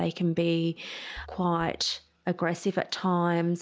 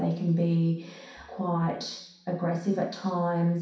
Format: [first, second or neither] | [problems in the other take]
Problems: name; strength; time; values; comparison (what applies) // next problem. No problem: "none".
first | room echo; dies away in 0.6 s